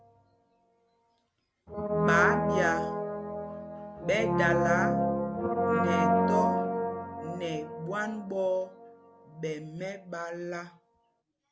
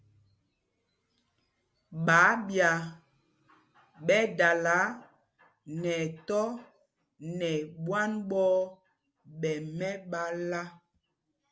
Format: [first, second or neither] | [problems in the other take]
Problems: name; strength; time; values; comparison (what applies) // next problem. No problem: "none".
second | background sound (Brass instrument); 3 dB above the speech